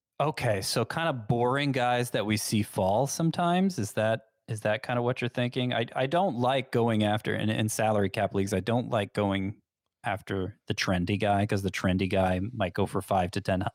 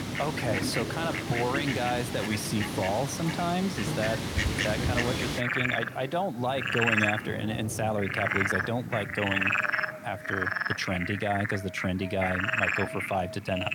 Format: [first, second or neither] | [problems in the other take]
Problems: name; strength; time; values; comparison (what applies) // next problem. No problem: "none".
first | animal sounds; very loud; throughout; 1 dB above the speech